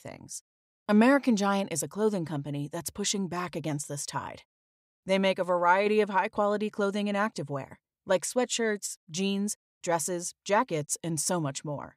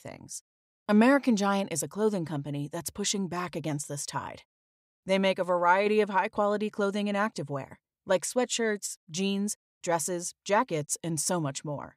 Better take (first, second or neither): neither